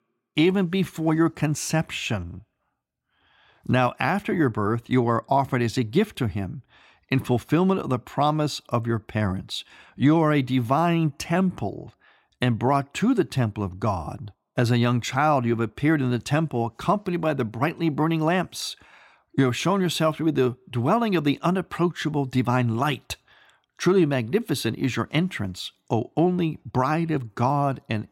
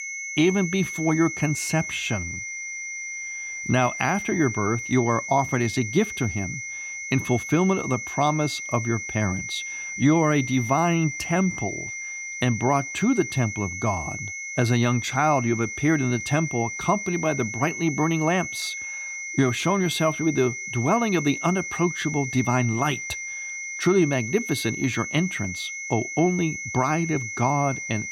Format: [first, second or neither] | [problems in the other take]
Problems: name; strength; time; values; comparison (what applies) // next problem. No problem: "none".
first | high-pitched whine; loud; throughout; 2 kHz, 6 dB below the speech